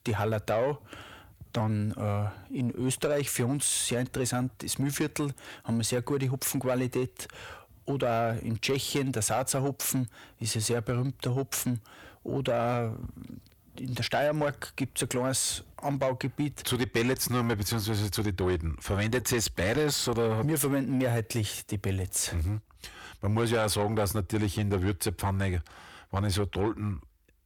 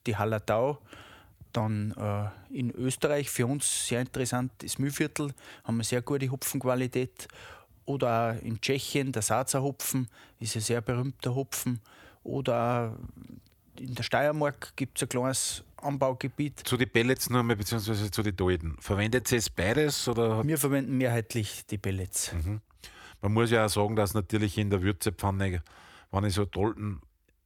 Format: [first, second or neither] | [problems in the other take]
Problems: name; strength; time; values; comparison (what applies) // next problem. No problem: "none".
second | distortion; slight; 10 dB below the speech